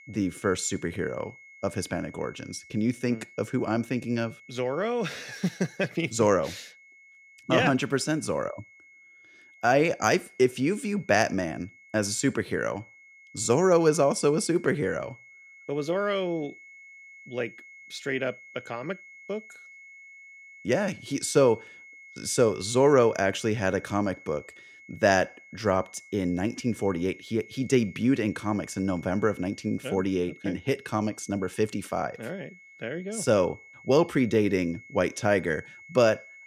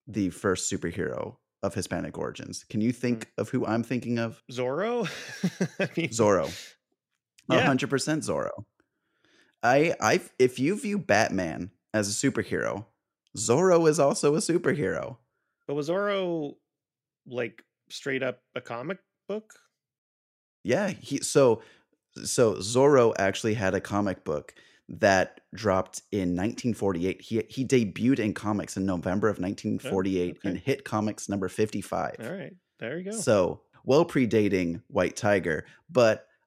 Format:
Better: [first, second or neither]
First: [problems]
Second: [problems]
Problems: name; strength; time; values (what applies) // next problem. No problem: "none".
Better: second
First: high-pitched whine; faint; throughout; 2 kHz, 20 dB below the speech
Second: none